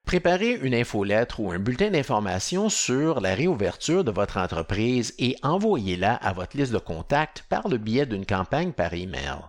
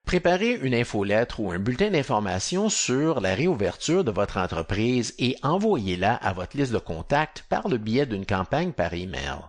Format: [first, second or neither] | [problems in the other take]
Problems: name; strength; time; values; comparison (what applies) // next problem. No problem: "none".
first | garbled, watery; slightly